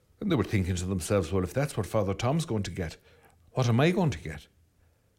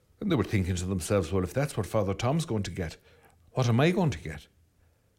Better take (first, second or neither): neither